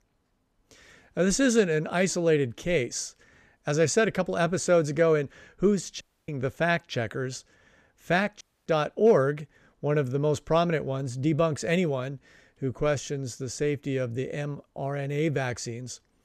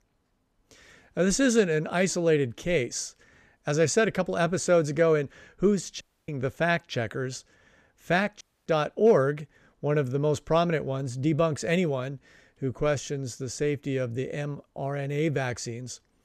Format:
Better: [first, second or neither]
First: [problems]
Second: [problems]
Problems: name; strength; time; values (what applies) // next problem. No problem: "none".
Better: neither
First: audio cutting out; at 6 s and at 8.5 s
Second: audio cutting out; at 6 s and at 8.5 s